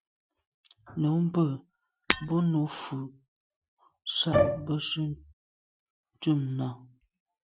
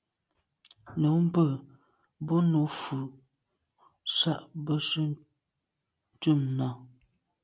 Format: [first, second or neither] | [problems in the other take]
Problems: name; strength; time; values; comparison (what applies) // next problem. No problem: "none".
second | noise reduction (classical method Wiener filter)